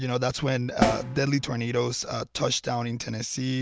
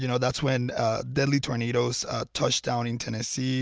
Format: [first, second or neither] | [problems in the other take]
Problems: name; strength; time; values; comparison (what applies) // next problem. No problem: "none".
second | background sound (Snare drum); 5 dB below the speech